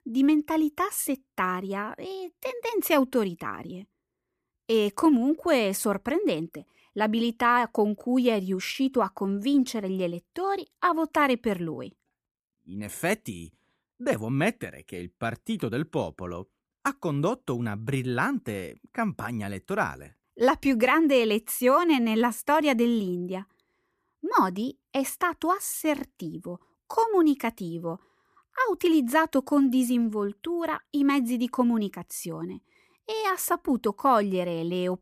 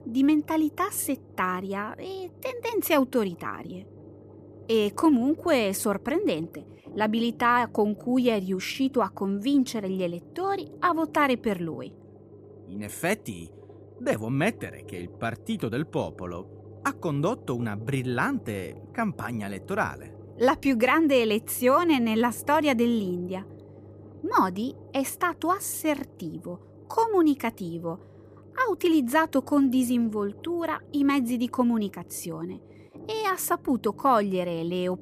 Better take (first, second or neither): first